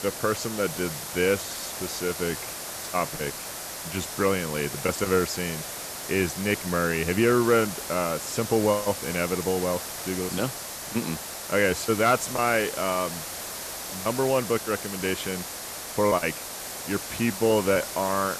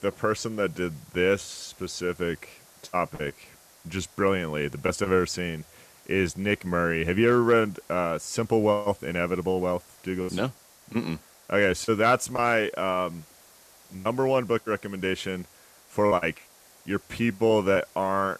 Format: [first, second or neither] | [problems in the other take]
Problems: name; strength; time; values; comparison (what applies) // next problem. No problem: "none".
second | hiss; loud; throughout; 7 dB below the speech; faint in the second